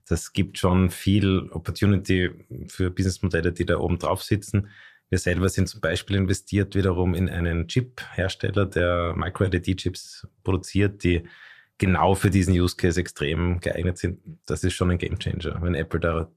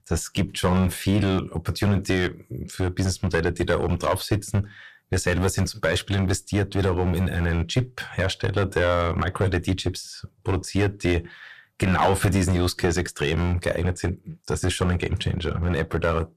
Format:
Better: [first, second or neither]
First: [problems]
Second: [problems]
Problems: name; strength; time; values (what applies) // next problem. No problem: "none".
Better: first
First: none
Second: distortion; heavy; 6% of the sound clipped